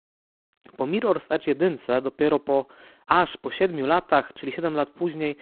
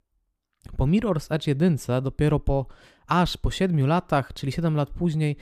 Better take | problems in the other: second | phone-call audio; poor line; nothing above 4 kHz

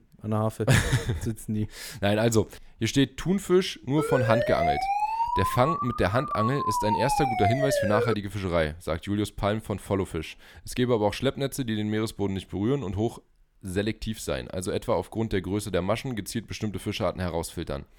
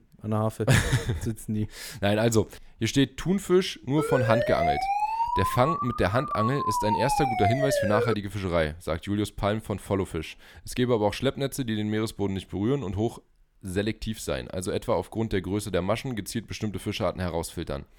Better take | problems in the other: neither | siren; loud; from 4 to 8 s; peak 2 dB above the speech; the same in both

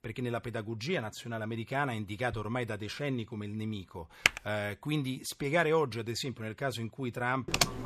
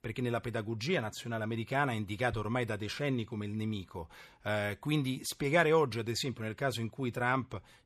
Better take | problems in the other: second | keyboard typing; very faint; at 4.5 s and at 7.5 s; peak 6 dB above the speech

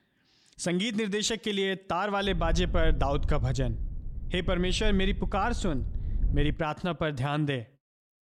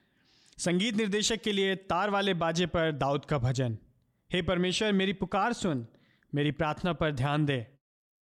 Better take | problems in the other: second | low rumble; faint; from 2.5 to 6.5 s; 20 dB below the speech

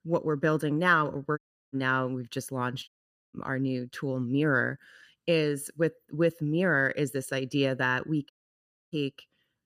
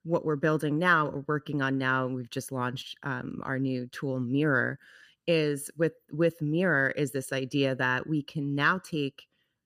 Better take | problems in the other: second | audio cutting out; at 1.5 s, at 3 s and at 8.5 s for 0.5 s

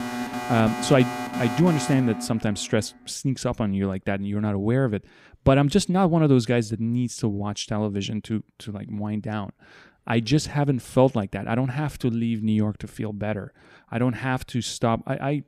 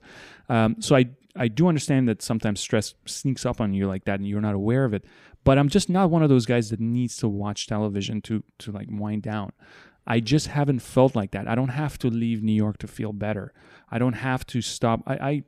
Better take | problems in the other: second | alarm; noticeable; until 3 s; peak 5 dB below the speech

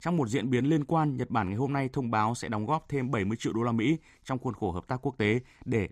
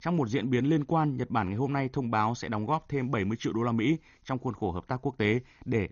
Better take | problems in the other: first | garbled, watery; slightly; nothing above 6.5 kHz

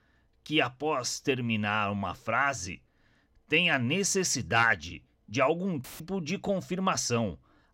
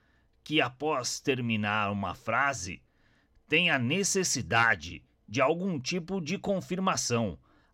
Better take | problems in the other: second | audio cutting out; filled with static; at 6 s

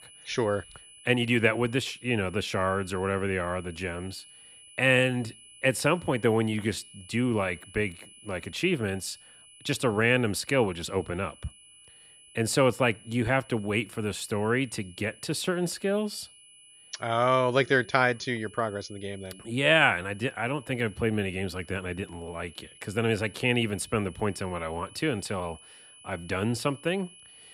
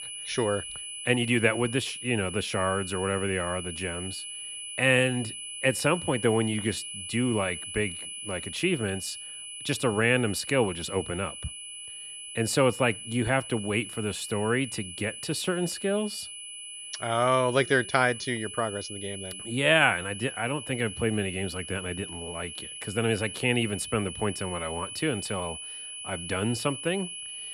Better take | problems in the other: first | high-pitched whine; loud; throughout; 3 kHz, 9 dB below the speech; faint in the first

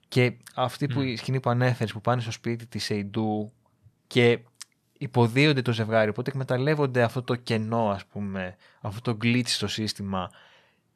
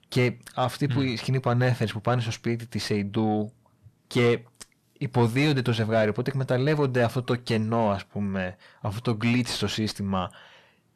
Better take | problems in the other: first | distortion; slight; 10 dB below the speech

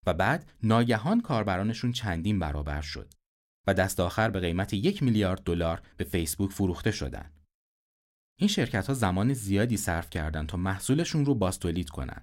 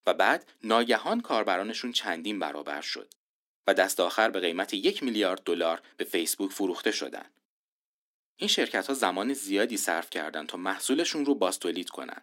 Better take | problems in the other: first | thin; somewhat; fading below 250 Hz

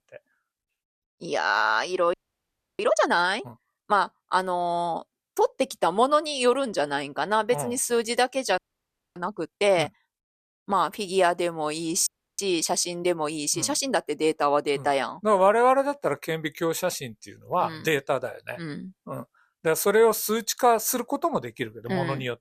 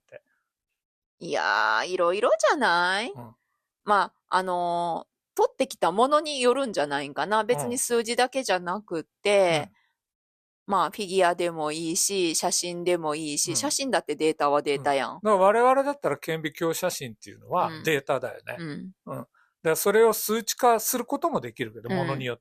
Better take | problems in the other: second | audio freezing; at 2 s for 0.5 s, at 8.5 s for 0.5 s and at 12 s

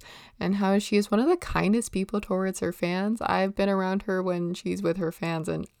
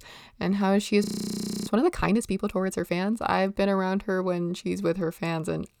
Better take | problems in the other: first | audio freezing; at 1 s for 0.5 s

